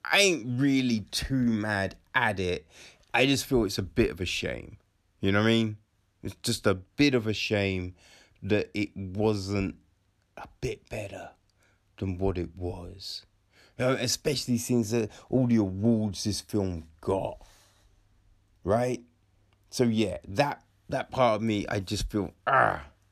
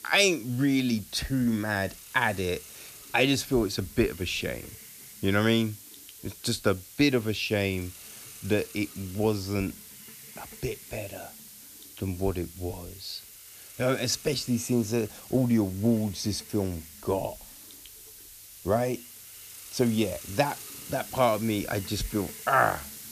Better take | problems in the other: first | hiss; noticeable; throughout; 15 dB below the speech

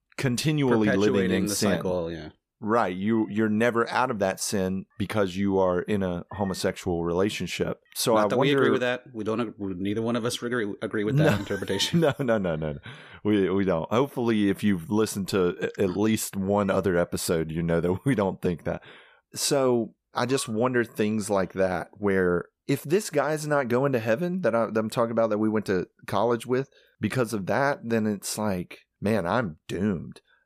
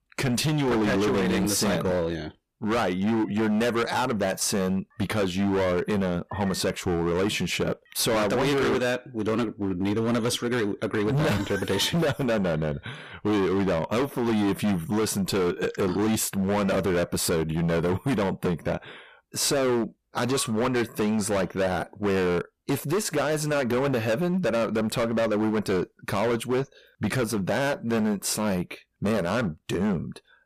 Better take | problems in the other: first | distortion; heavy; 23% of the sound clipped

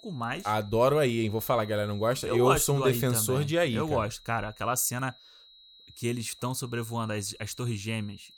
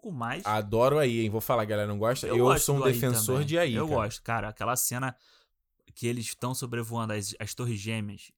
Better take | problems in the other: second | high-pitched whine; faint; throughout; 4 kHz, 20 dB below the speech

